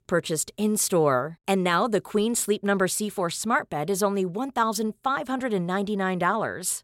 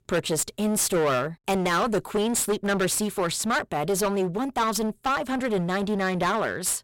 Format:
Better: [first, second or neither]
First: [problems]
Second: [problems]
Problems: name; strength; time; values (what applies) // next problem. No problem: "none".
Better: first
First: none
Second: distortion; heavy; 19% of the sound clipped